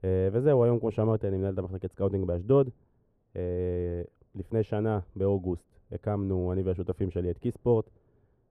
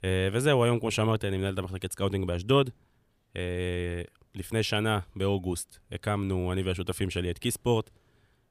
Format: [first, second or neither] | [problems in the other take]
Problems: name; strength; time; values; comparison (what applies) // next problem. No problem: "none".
second | muffled; very; fading above 1.5 kHz